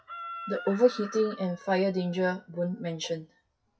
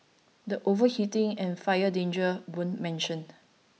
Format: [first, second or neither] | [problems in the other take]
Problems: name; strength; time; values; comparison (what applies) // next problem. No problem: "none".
second | noise reduction (classical method WPE with log-MMSE)